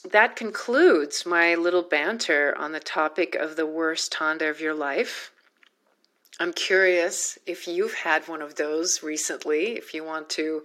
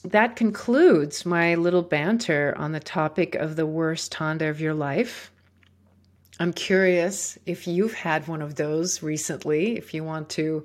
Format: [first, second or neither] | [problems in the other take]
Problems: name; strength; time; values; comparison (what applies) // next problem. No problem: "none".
second | thin; somewhat; fading below 300 Hz